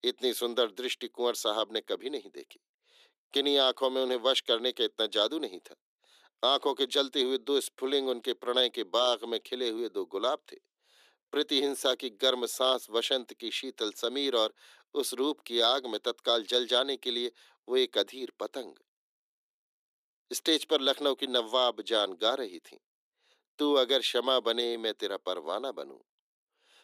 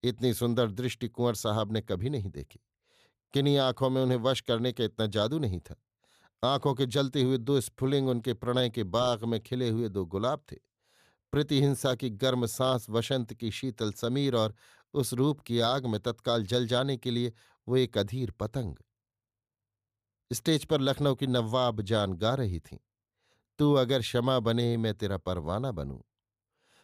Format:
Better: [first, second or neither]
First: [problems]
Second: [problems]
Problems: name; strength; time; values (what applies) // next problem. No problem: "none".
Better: second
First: thin; somewhat; fading below 300 Hz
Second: none